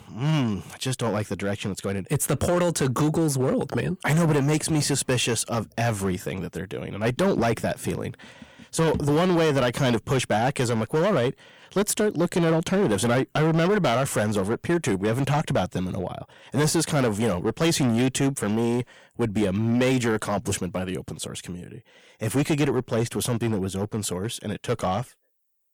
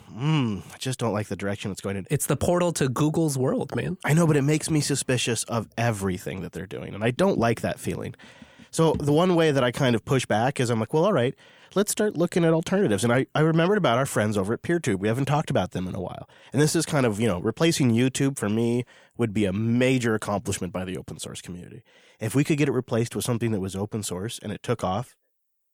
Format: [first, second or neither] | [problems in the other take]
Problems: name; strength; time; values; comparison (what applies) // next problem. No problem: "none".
second | distortion; slight; 10% of the sound clipped